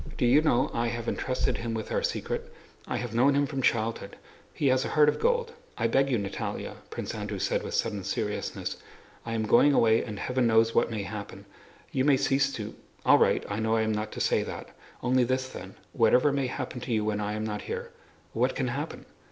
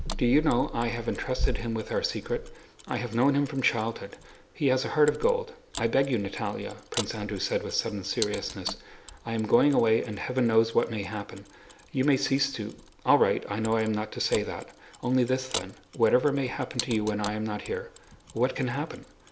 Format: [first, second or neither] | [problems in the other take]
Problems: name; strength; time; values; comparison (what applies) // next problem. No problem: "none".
first | background sound (Mechanisms); 17 dB below the speech